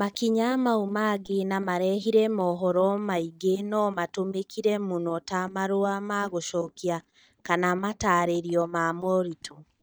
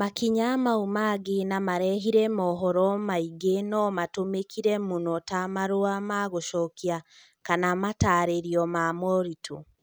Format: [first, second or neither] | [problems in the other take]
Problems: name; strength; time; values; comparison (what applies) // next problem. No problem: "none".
second | noise reduction (neural mask model DeepFilterNet 3)